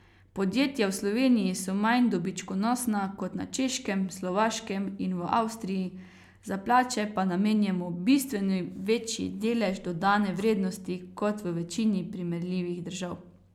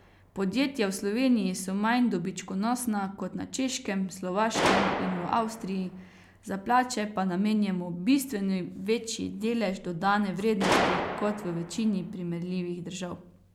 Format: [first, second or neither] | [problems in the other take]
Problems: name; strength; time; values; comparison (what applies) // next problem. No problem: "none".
first | background sound (Gunshot, gunfire); 7 dB below the speech